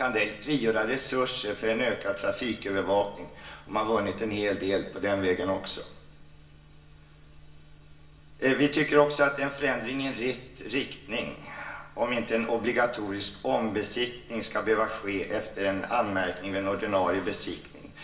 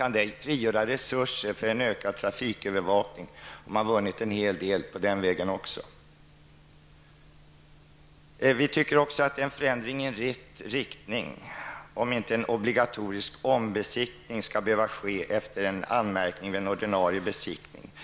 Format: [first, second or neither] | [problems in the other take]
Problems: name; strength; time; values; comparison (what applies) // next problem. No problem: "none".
second | room echo; dies away in 0.7 s